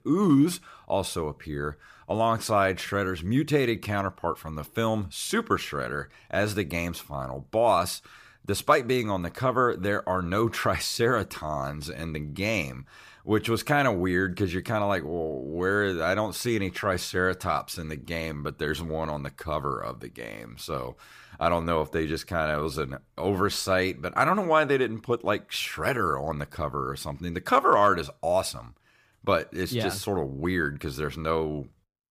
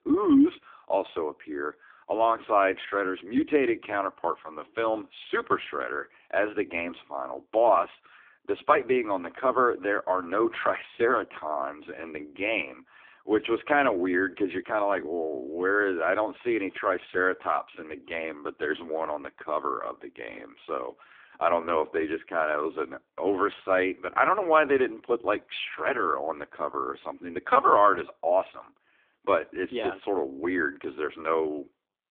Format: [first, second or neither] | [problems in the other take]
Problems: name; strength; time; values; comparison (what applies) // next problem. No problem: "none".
first | phone-call audio; poor line; nothing above 3.5 kHz